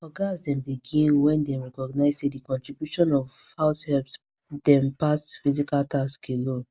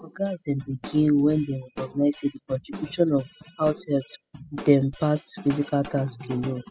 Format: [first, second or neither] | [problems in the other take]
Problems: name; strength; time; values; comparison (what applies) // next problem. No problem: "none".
first | noise reduction (classical method spectral subtraction)